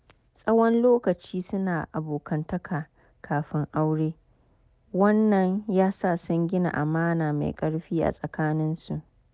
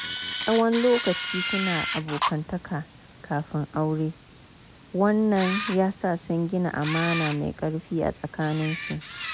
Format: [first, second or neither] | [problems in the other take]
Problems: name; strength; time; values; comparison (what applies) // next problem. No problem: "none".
first | background sound (Camera); 8 dB below the speech